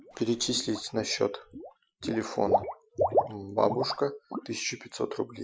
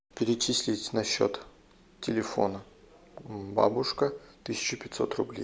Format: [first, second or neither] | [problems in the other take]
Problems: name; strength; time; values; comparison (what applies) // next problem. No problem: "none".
second | noise reduction (classical method Wiener filter)